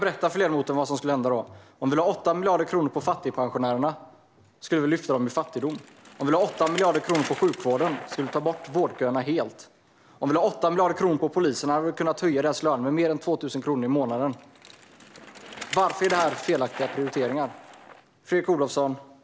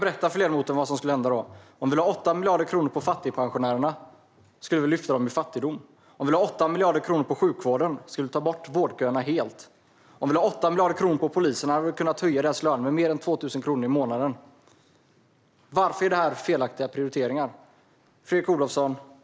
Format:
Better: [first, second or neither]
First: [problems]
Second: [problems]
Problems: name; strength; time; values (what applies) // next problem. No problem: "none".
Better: second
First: background sound (Bicycle); 18 dB below the speech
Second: none